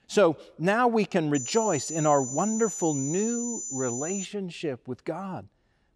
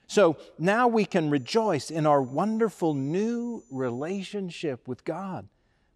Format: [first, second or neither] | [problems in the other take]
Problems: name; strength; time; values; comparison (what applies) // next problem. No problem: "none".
second | high-pitched whine; loud; from 1.5 to 4.5 s; 7 kHz, 6 dB below the speech; faint in the second